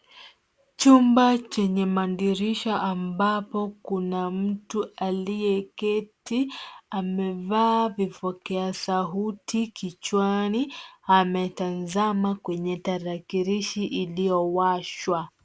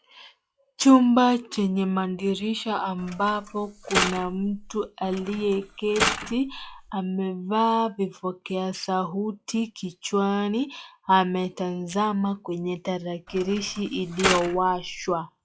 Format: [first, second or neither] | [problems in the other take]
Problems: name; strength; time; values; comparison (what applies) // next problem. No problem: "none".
first | noise reduction (classical method log-MMSE)